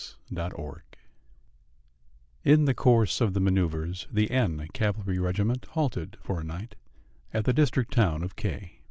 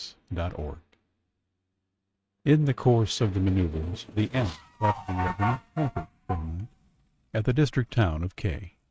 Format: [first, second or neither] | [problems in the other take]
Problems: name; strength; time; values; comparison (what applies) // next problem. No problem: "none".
first | noise reduction (neural mask model RNNoise)